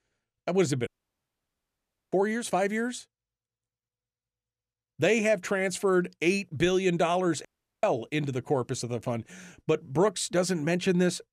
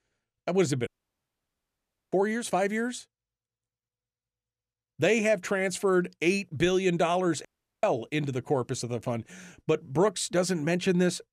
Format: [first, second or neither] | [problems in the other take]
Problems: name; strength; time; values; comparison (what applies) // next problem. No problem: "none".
neither | audio cutting out; at 1 s for 1.5 s and at 7.5 s; the same in both